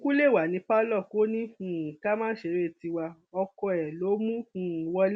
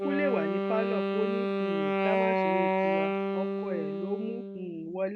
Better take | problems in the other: first | background sound (Wind instrument, woodwind instrument); 5 dB above the speech

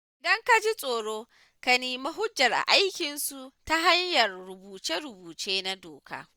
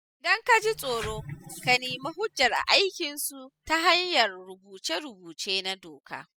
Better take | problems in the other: first | noise reduction (classical method spectral subtraction)

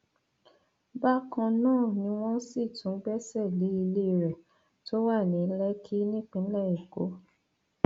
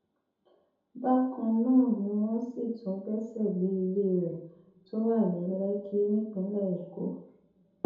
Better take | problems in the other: first | room echo; dies away in 2.6 s

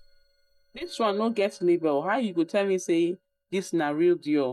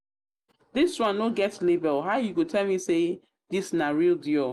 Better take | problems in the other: second | noise reduction (neural mask model DeepFilterNet 3)

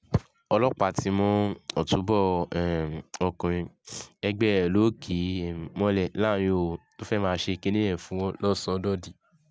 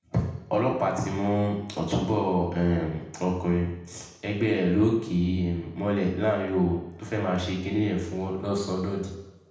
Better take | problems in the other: first | room echo; dies away in 0.8 s

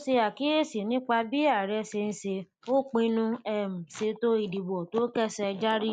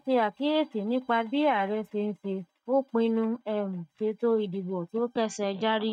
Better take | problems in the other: first | noise reduction (neural mask model DeepFilterNet 3)

